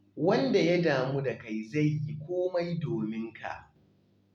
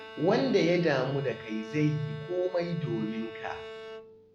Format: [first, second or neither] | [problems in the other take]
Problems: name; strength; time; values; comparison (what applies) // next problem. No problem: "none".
first | background sound (Bowed string instrument); 13 dB below the speech